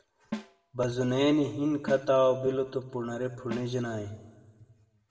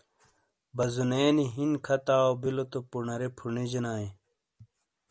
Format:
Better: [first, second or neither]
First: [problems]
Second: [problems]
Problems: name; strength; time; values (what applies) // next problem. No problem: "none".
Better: second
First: background sound (Snare drum); 15 dB below the speech // room echo; dies away in 1.2 s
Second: none